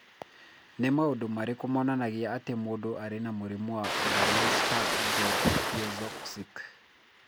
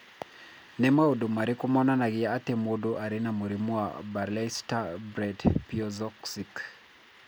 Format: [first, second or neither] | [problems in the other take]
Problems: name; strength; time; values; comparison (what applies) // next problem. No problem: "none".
second | background sound (Ocean); 4 dB above the speech